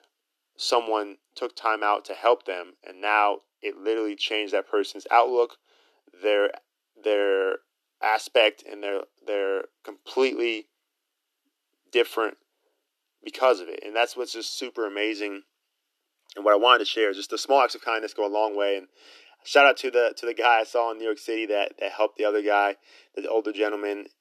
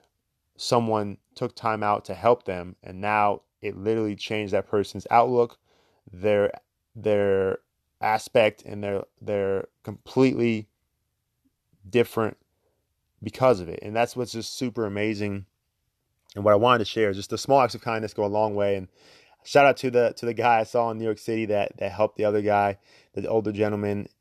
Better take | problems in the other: second | thin; somewhat; fading below 300 Hz

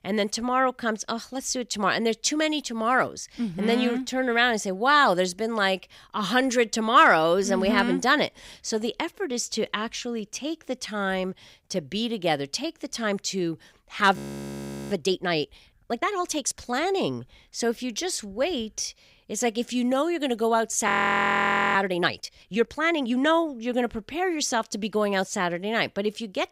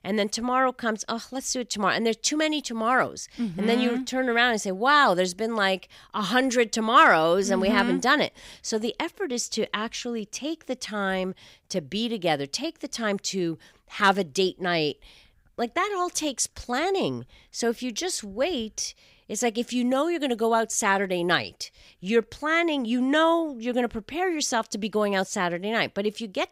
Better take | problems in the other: second | audio freezing; at 14 s for 1 s and at 21 s for 1 s

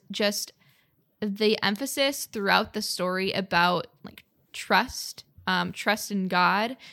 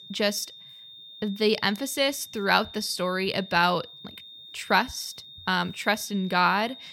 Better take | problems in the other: first | high-pitched whine; noticeable; throughout; 3.5 kHz, 15 dB below the speech

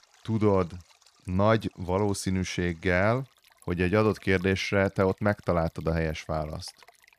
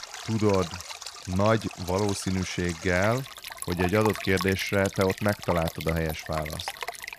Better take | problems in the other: first | rain or running water; loud; throughout; 9 dB below the speech; faint in the first

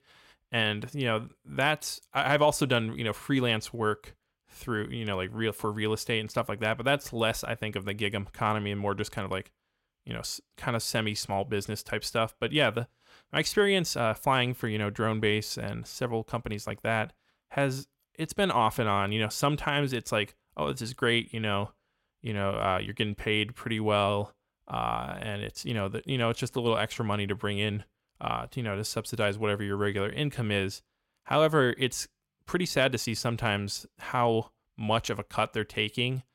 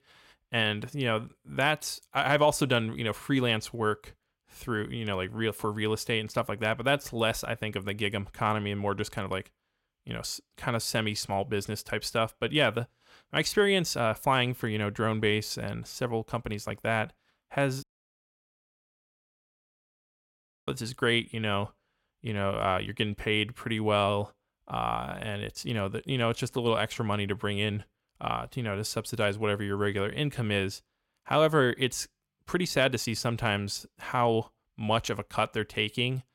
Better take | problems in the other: first | audio cutting out; at 18 s for 3 s

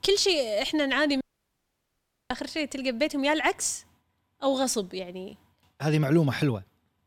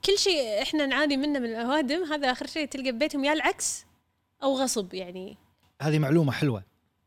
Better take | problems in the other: second | audio cutting out; at 1 s for 1 s

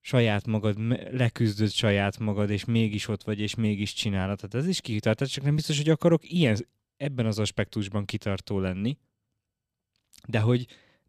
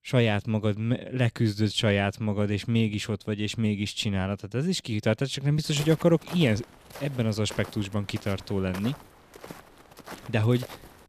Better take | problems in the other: first | footsteps; faint; from 5.5 s on; peak 10 dB below the speech

